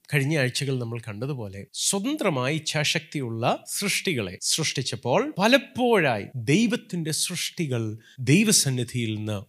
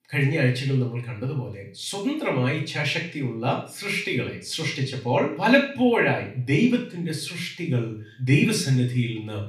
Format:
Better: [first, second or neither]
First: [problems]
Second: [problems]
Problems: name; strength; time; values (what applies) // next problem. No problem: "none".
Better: first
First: none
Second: room echo; slight; dies away in 0.5 s // off-mic speech; far